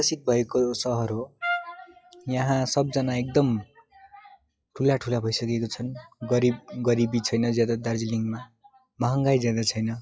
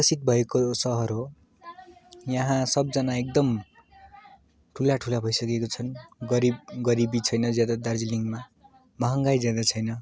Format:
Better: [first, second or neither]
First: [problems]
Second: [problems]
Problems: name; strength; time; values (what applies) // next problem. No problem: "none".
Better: second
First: noise reduction (classical method WPE with log-MMSE)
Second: none